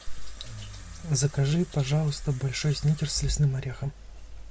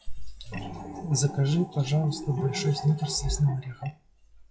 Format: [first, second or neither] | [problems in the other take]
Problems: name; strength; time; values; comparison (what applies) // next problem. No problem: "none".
first | noise reduction (classical method log-MMSE)